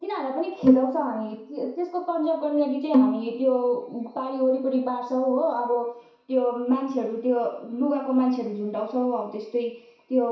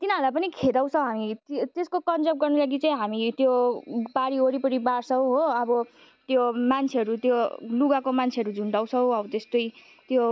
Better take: second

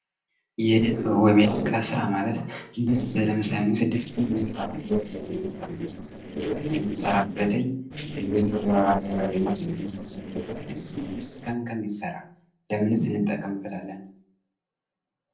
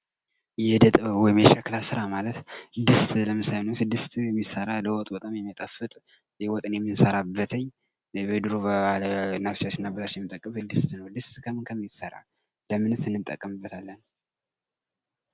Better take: second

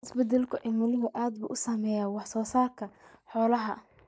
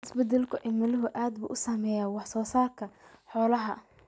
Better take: second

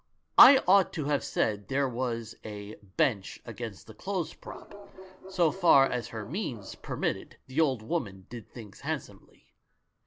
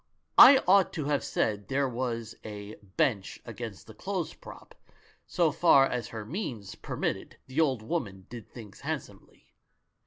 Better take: second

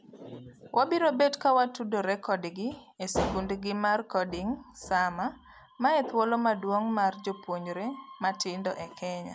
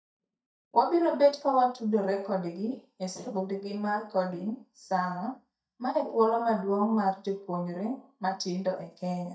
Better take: first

